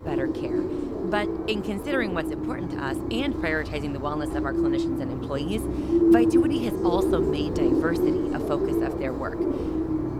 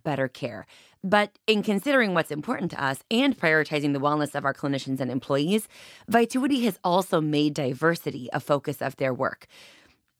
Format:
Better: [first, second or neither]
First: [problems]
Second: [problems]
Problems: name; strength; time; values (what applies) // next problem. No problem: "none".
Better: second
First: animal sounds; very loud; throughout; 5 dB above the speech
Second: none